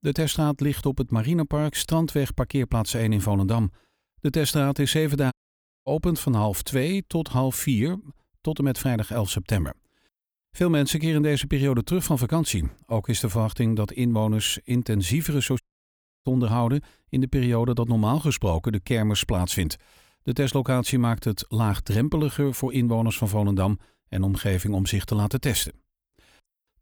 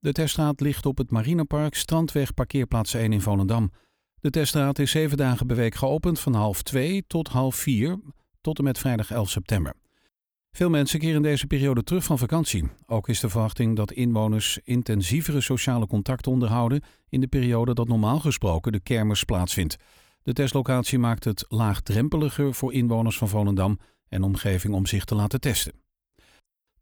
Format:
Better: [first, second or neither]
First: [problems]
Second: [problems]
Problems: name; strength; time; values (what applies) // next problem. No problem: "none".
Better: second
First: audio cutting out; at 5.5 s for 0.5 s and at 16 s for 0.5 s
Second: none